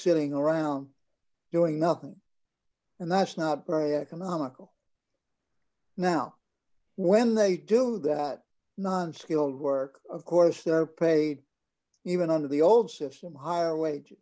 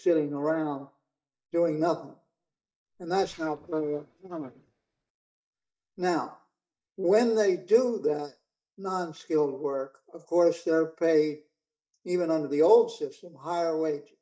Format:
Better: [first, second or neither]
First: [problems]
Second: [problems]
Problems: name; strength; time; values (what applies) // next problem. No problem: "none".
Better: first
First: none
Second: noise reduction (neural mask model DeepFilterNet 3)